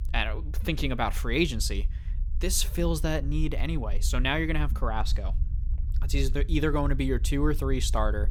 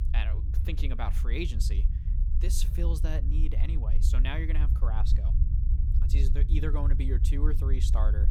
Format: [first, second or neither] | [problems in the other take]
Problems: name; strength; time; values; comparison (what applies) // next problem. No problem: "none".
first | low rumble; loud; throughout; 7 dB below the speech; faint in the first